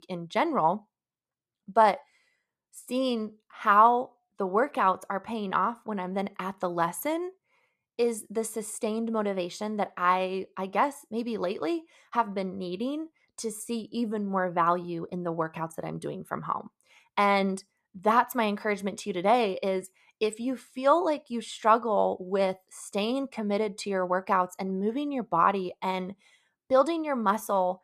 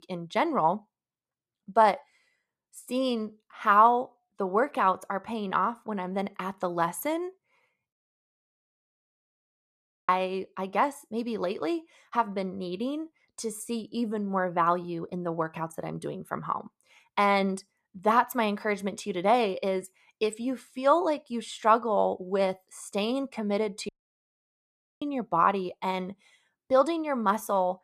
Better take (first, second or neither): first